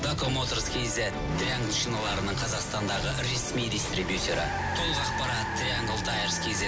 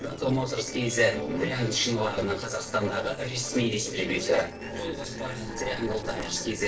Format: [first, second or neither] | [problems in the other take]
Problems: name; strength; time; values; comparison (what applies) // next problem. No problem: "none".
first | noise reduction (neural separator model SepFormer DNS4)